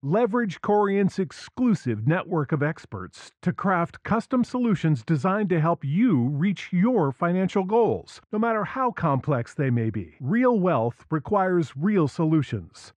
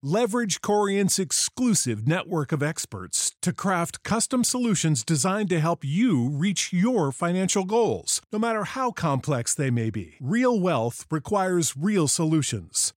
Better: second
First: muffled; very; fading above 1.5 kHz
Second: none

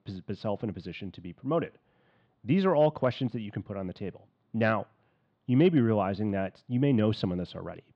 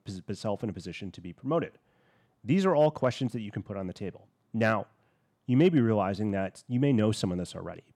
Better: second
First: muffled; very slightly; fading above 4 kHz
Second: none

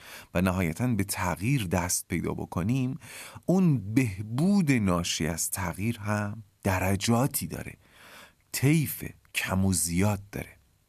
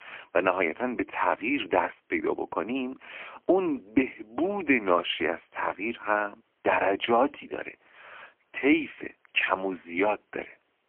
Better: first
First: none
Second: phone-call audio; poor line; nothing above 3 kHz

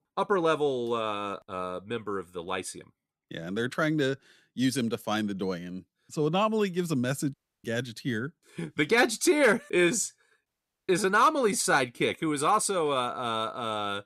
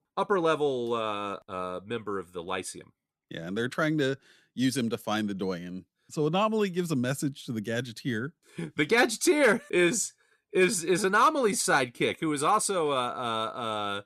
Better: second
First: audio cutting out; at 7.5 s and at 10 s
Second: none

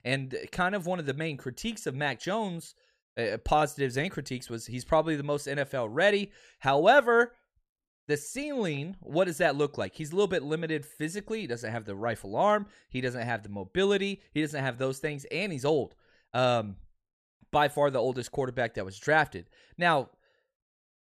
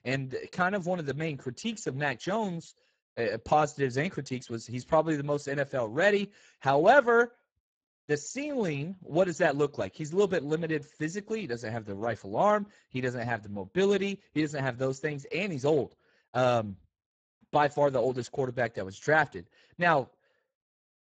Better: first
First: none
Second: garbled, watery; badly; nothing above 7.5 kHz

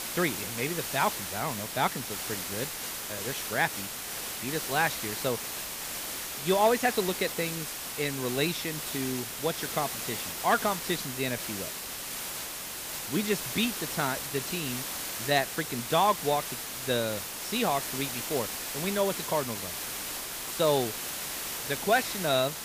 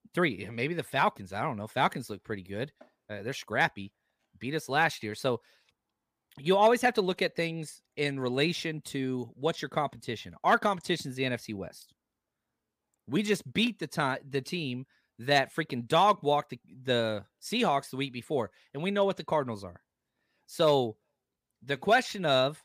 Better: second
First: hiss; loud; throughout; 3 dB below the speech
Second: none

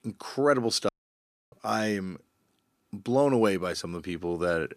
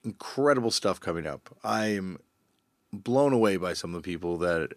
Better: second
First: audio cutting out; at 1 s for 0.5 s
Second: none

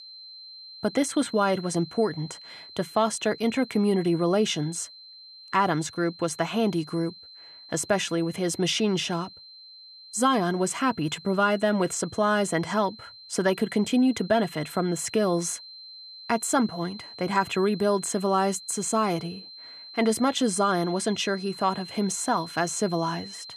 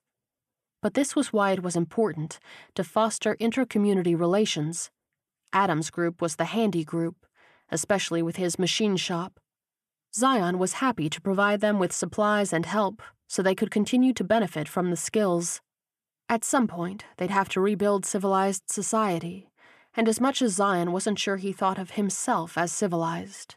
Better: second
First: high-pitched whine; noticeable; throughout; 4 kHz, 15 dB below the speech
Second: none

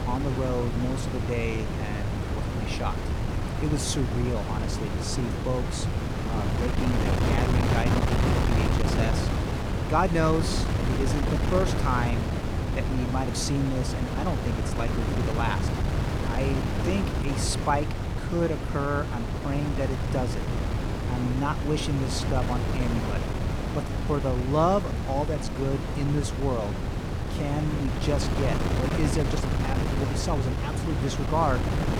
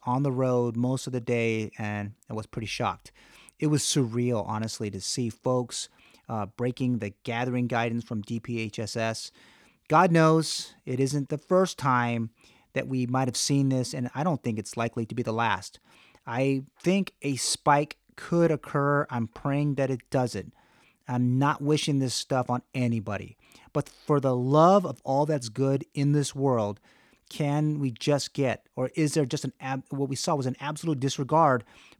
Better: second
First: wind noise on the microphone; heavy; 2 dB below the speech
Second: none

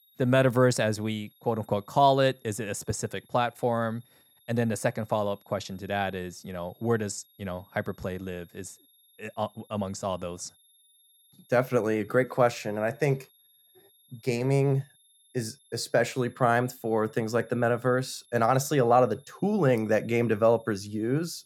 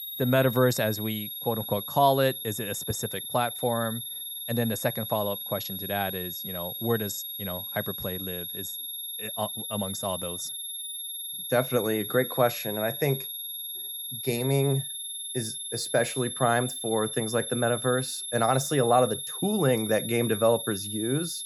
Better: first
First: high-pitched whine; faint; throughout; 11.5 kHz, 30 dB below the speech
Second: high-pitched whine; loud; throughout; 11.5 kHz, 5 dB below the speech

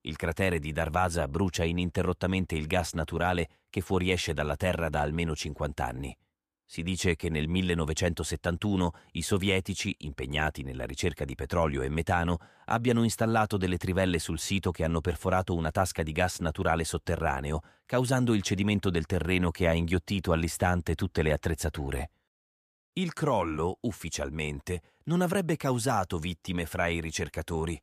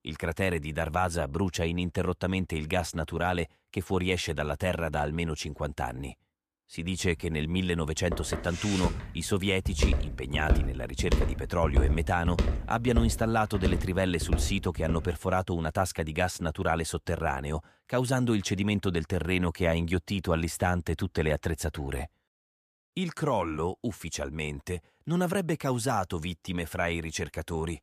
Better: first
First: none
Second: footsteps; loud; from 8 to 15 s; peak 2 dB above the speech

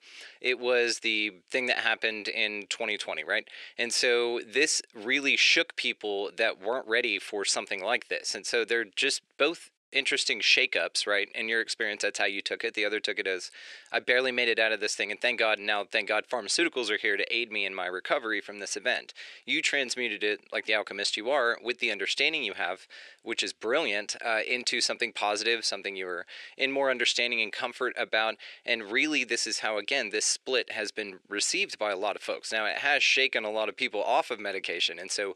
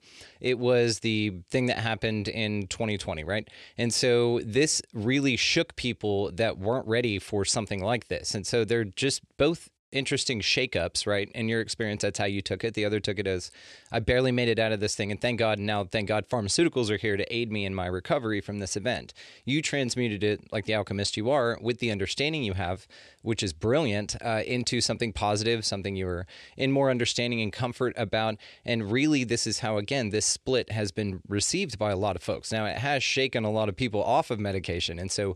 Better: second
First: thin; somewhat; fading below 350 Hz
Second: none

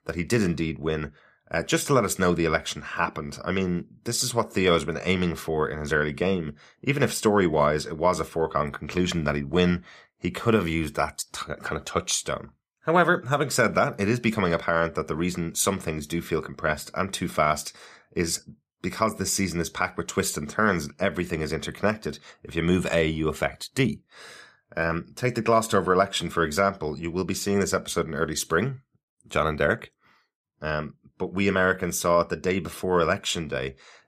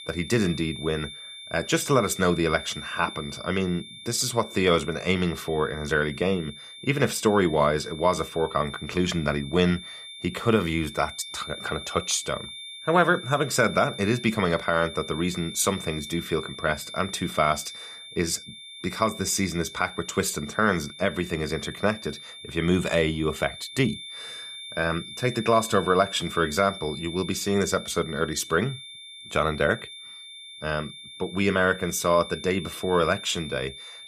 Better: first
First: none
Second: high-pitched whine; noticeable; throughout; 3.5 kHz, 15 dB below the speech

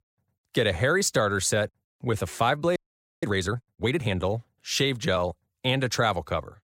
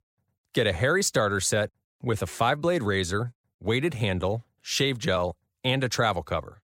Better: second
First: audio freezing; at 3 s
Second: none

